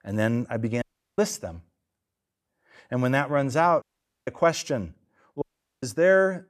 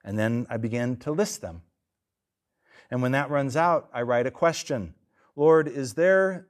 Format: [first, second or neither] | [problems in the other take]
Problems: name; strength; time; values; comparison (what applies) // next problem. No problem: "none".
second | audio cutting out; at 1 s, at 4 s and at 5.5 s